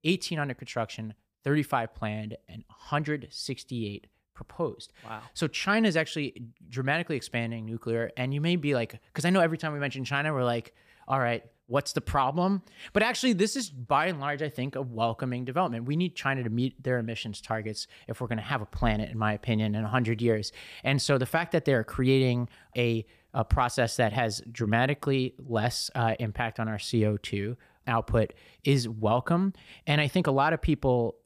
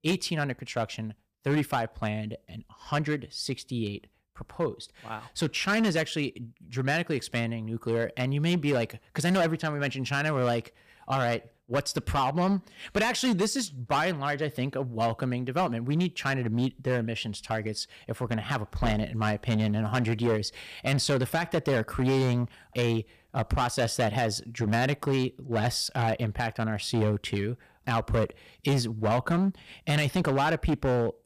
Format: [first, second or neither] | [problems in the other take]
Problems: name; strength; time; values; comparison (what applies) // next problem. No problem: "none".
first | distortion; slight; 8% of the sound clipped